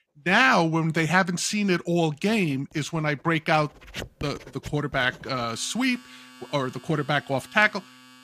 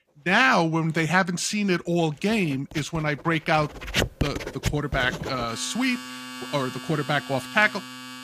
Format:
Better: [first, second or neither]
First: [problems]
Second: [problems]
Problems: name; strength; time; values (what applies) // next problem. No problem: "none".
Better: first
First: household noises; faint; throughout; 20 dB below the speech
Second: household noises; loud; throughout; 9 dB below the speech